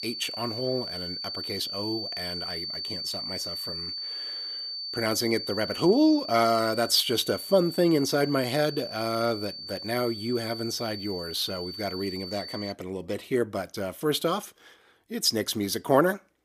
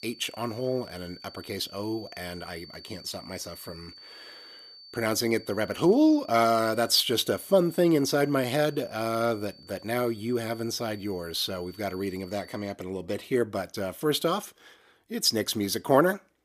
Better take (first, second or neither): second